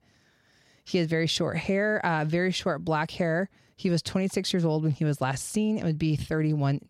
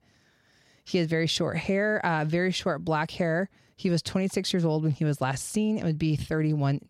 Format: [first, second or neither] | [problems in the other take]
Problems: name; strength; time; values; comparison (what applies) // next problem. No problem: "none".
neither | none